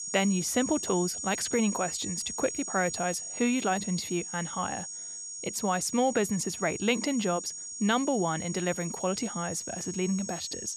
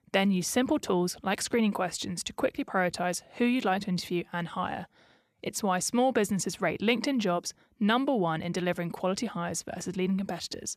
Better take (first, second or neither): second